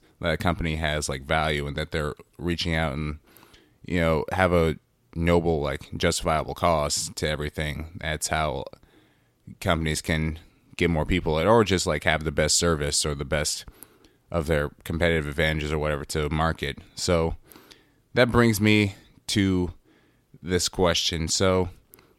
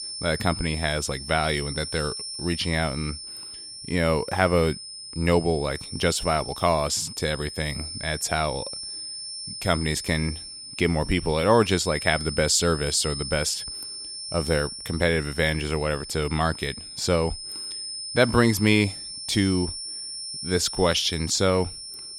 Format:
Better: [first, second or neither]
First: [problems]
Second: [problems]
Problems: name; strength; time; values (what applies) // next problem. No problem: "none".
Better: first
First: none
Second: high-pitched whine; loud; throughout; 5 kHz, 9 dB below the speech